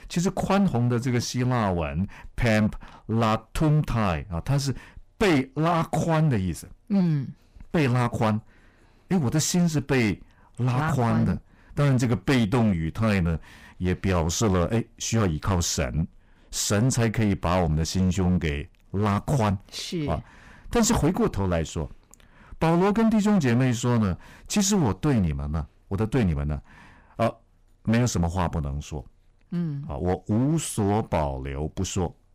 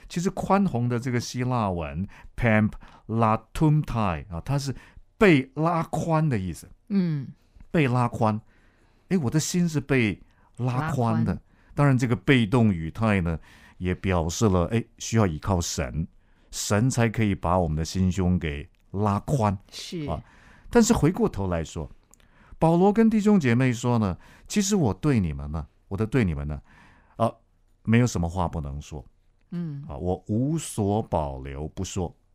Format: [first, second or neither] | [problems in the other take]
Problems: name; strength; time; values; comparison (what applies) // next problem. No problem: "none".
second | distortion; heavy; 11% of the sound clipped